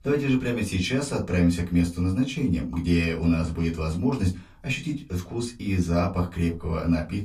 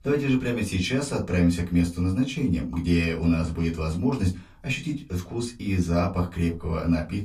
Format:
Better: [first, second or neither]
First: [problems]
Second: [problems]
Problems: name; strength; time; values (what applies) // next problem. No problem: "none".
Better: neither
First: off-mic speech; far // room echo; very slight; dies away in 0.2 s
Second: off-mic speech; far // room echo; very slight; dies away in 0.2 s